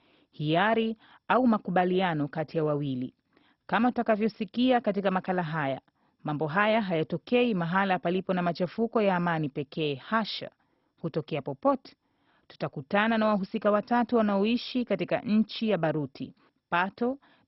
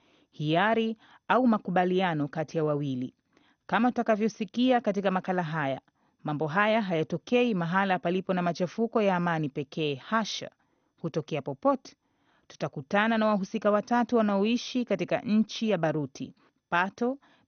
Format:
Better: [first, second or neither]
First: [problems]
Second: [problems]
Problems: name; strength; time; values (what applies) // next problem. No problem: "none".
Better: second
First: garbled, watery; badly; nothing above 5.5 kHz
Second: garbled, watery; slightly; nothing above 6.5 kHz